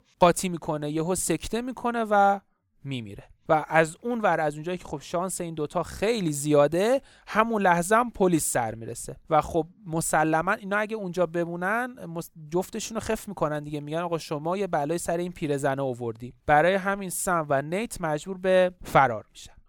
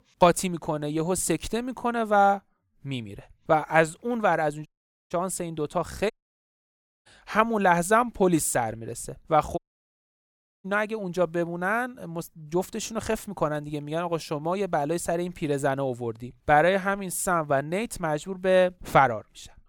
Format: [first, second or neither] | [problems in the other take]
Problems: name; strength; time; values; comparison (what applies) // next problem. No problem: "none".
first | audio cutting out; at 4.5 s, at 6 s for 1 s and at 9.5 s for 1 s